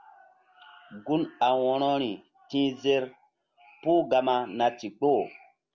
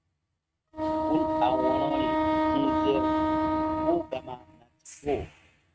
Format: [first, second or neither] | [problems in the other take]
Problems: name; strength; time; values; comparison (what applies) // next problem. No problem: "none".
first | noise reduction (neural mask model RNNoise)